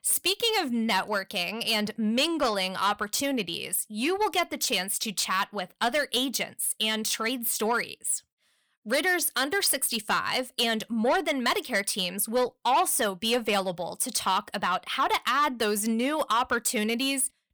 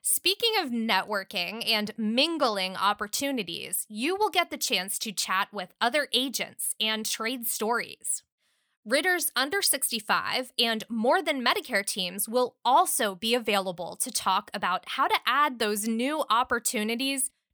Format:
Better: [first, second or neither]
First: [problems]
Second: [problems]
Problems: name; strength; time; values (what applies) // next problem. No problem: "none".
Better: second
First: distortion; slight; 10 dB below the speech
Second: none